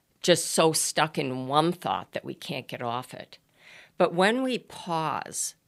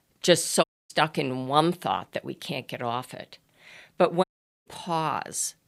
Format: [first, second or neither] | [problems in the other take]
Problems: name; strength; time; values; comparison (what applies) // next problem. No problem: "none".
first | audio cutting out; at 0.5 s and at 4 s